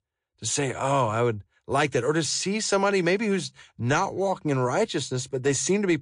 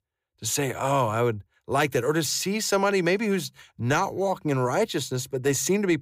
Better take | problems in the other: second | garbled, watery; slightly; nothing above 9.5 kHz

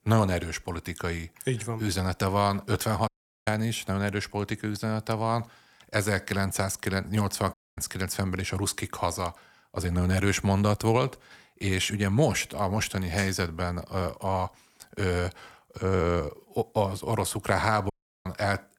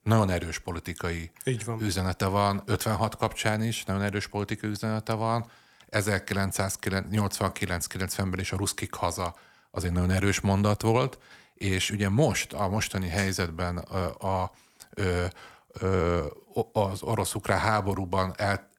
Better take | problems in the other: second | audio cutting out; at 3 s, at 7.5 s and at 18 s

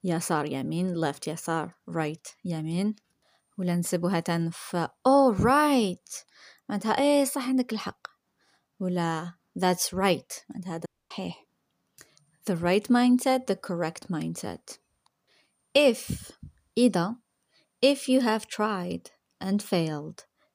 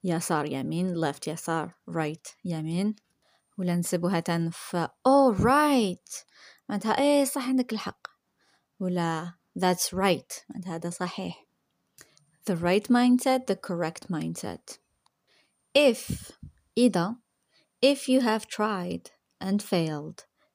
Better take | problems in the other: second | audio cutting out; at 11 s

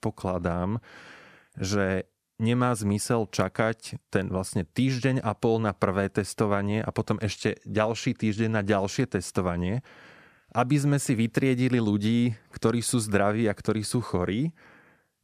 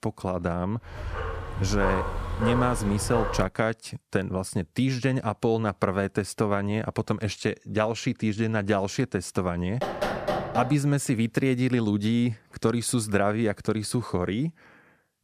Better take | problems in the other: first | dog barking; noticeable; from 1 to 3.5 s; peak 2 dB below the speech // door banging; noticeable; at 10 s; peak 1 dB below the speech

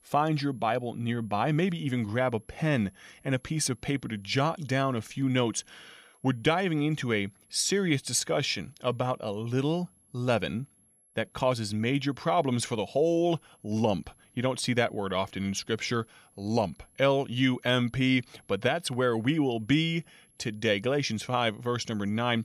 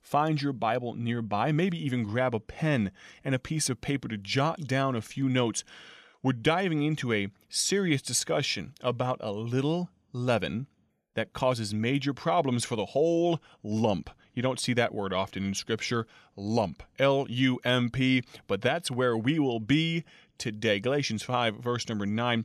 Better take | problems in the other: second | high-pitched whine; faint; throughout; 11 kHz, 35 dB below the speech

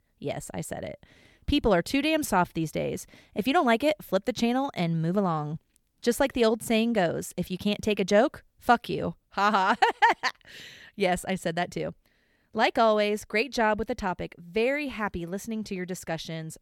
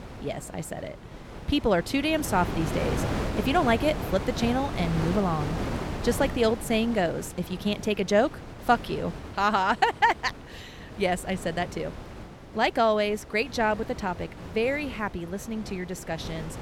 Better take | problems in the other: first | wind noise on the microphone; occasional gusts; 10 dB below the speech

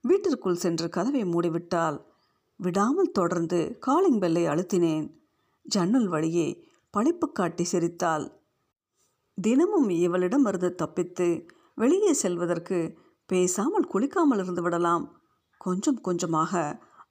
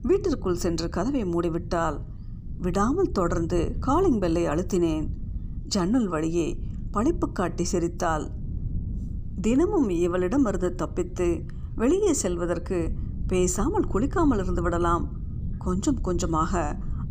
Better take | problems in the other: first | wind noise on the microphone; occasional gusts; 20 dB below the speech

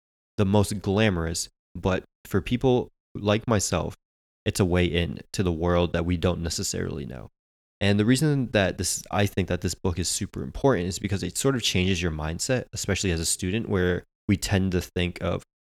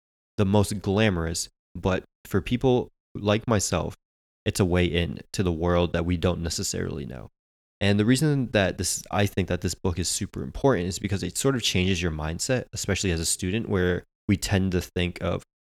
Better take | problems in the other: neither | none

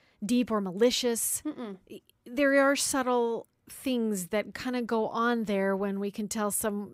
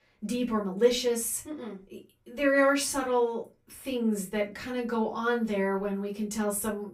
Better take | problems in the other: first | off-mic speech; far // room echo; very slight; dies away in 0.2 s

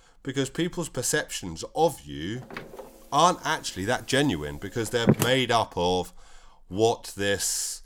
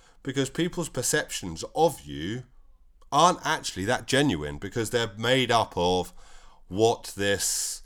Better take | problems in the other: second | door banging; loud; at 5 s; peak 2 dB above the speech

